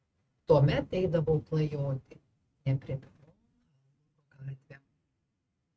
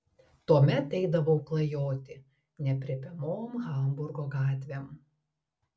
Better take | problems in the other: second | noise reduction (neural mask model RNNoise)

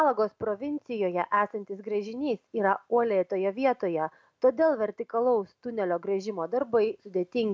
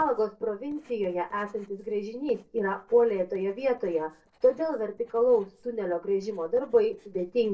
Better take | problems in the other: first | noise reduction (neural separator model SepFormer DNS4)

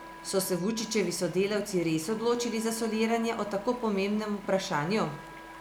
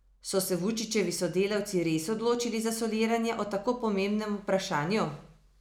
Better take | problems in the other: second | background sound (Stream + Wind instrument, woodwind instrument); 16 dB below the speech

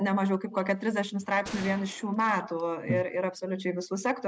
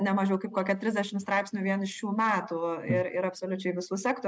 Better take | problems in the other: second | background sound (Gunshot, gunfire); 17 dB below the speech

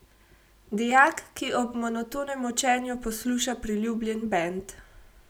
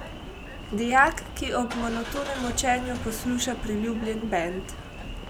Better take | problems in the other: first | background sound (Engine starting / Car); 9 dB below the speech

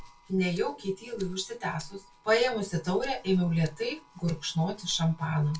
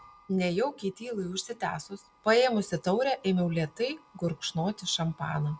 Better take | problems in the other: second | background sound (Rattle (instrument)); 20 dB below the speech // room echo; dies away in 0.2 s

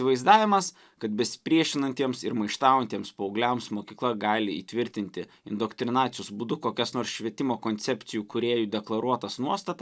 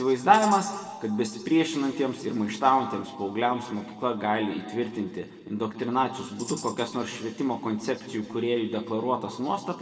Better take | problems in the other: first | background sound (Tambourine); 18 dB below the speech // room echo; dies away in 1.9 s

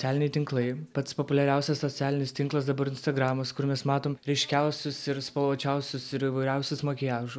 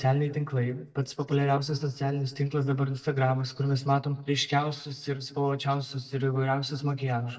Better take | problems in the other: first | noise reduction (neural mask model DeepFilterNet 3)

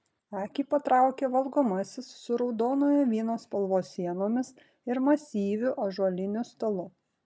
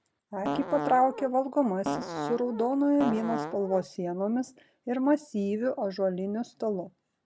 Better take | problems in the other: first | background sound (Fart); 5 dB below the speech

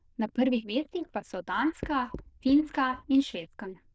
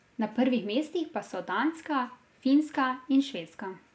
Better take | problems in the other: second | noise reduction (neural diffusion model UNIVERSE++)

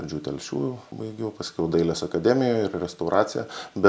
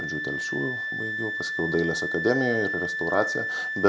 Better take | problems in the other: first | background sound (Wind instrument, woodwind instrument); 2 dB below the speech

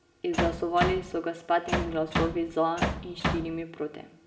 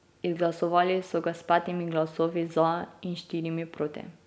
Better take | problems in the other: second | background sound (Bass drum); 1 dB below the speech // room echo; dies away in 0.9 s

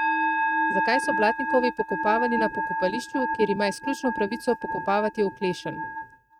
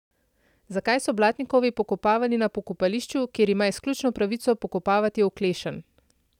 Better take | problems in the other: second | noise reduction (neural mask model RNNoise)

